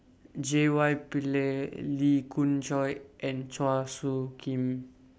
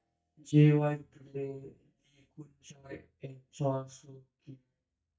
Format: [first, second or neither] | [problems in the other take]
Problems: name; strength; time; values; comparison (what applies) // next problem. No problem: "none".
first | noise reduction (neural mask model DeepFilterNet 3)